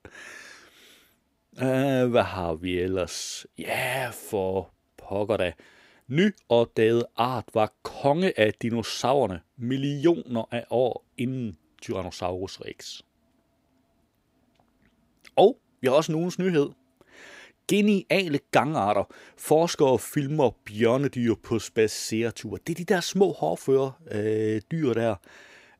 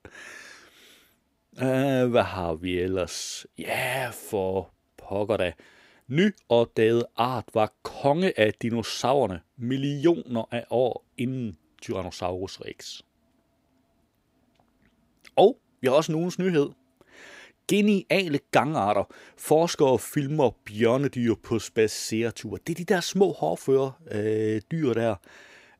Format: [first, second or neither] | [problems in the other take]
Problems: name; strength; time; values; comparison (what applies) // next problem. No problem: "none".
neither | none